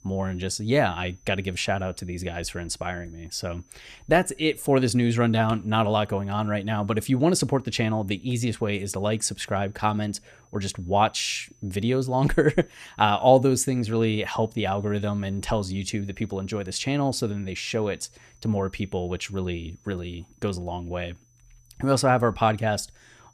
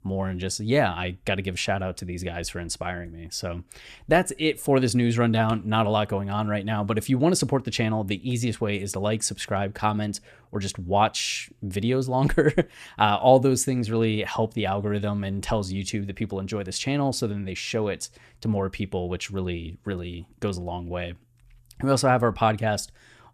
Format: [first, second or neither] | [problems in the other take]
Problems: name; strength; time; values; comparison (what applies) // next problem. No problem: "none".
second | high-pitched whine; faint; throughout; 6 kHz, 35 dB below the speech